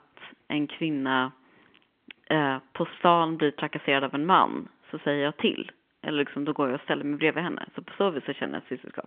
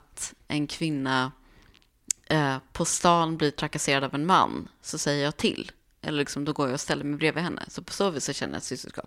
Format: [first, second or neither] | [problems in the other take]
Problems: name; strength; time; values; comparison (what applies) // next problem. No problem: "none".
second | phone-call audio; nothing above 3.5 kHz